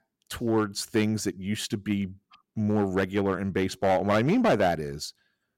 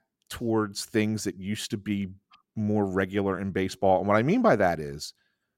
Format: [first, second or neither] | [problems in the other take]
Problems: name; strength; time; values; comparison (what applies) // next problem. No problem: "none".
second | distortion; slight; 3% of the sound clipped